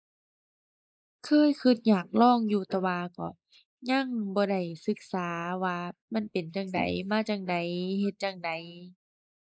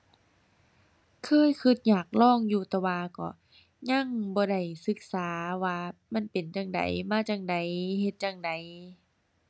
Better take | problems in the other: second | noise reduction (neural mask model Resemble Enhance denoiser)

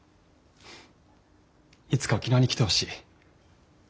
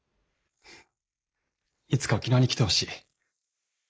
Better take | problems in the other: first | noise reduction (neural mask model Resemble Enhance denoiser)

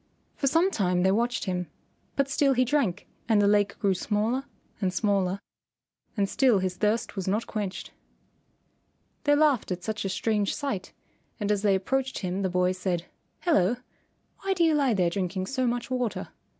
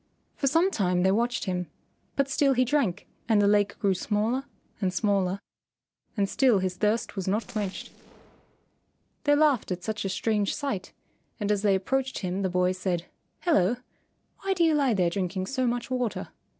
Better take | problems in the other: first | noise reduction (neural separator model SepFormer DNS4)

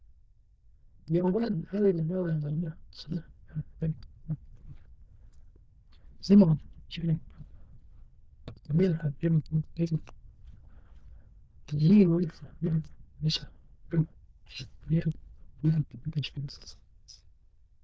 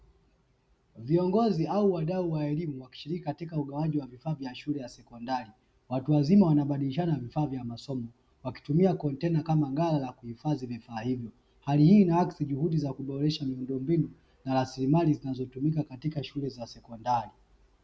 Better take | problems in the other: second | noise reduction (neural diffusion model UNIVERSE++)

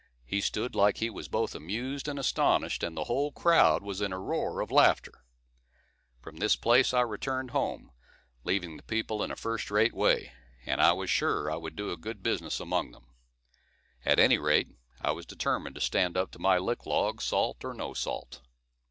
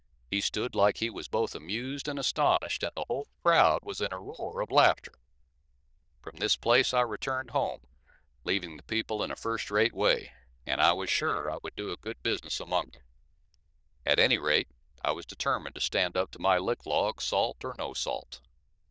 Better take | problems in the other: first | noise reduction (neural diffusion model UNIVERSE++)

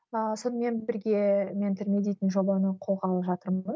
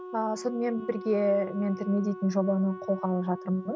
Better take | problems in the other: first | background sound (Wind instrument, woodwind instrument); 13 dB below the speech

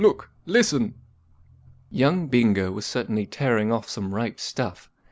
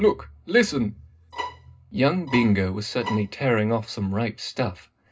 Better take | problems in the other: first | background sound (Bowed string instrument); 11 dB below the speech // room echo; dies away in 0.2 s

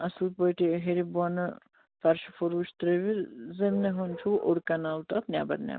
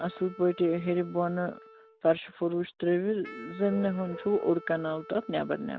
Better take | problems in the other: first | background sound (Wind instrument, woodwind instrument); 20 dB below the speech

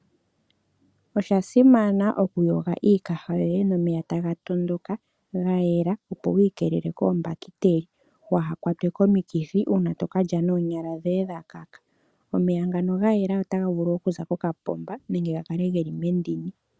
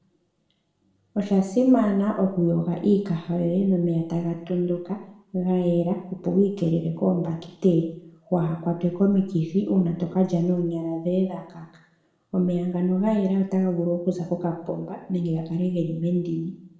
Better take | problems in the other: first | room echo; dies away in 0.7 s

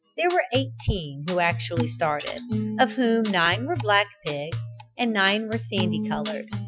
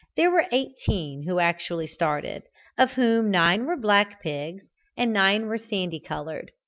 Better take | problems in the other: second | noise reduction (classical method Wiener filter)

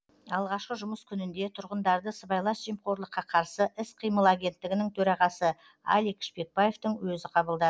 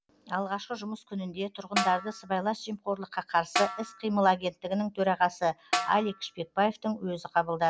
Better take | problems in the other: first | background sound (Snare drum); 5 dB below the speech

